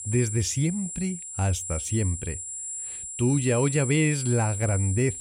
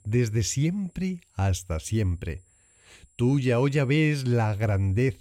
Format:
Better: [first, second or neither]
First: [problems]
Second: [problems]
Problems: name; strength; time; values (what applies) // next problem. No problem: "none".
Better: second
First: high-pitched whine; loud; throughout; 7.5 kHz, 6 dB below the speech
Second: high-pitched whine; faint; throughout; 7.5 kHz, 35 dB below the speech